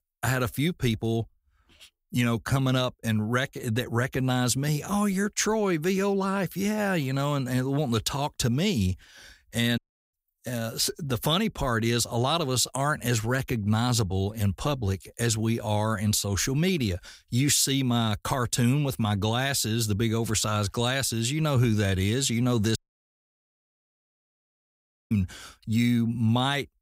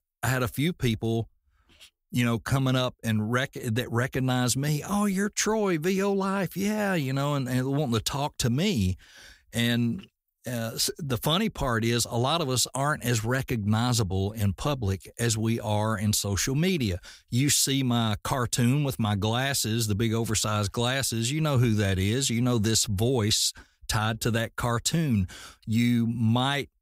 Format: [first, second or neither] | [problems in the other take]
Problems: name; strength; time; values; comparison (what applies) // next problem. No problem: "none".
second | audio cutting out; at 10 s and at 23 s for 2.5 s